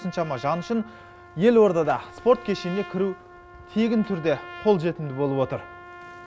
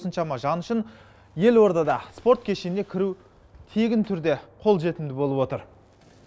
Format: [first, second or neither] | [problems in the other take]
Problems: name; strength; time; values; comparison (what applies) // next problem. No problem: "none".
second | background sound (Trumpet); 18 dB below the speech